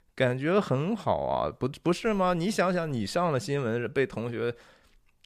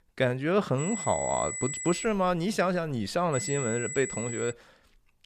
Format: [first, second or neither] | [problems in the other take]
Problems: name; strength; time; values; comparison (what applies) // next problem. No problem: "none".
first | high-pitched whine; loud; from 1 to 2 s and from 3.5 to 4.5 s; 8 kHz, 6 dB below the speech